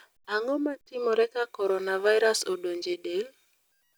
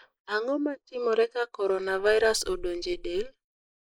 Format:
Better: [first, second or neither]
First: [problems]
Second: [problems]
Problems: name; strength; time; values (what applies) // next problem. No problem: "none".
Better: first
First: none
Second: noise reduction (neural mask model Resemble Enhance denoiser)